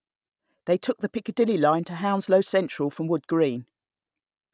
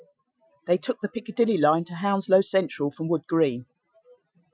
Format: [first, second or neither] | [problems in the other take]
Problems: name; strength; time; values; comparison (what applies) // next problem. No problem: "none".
first | noise reduction (classical method Wiener filter)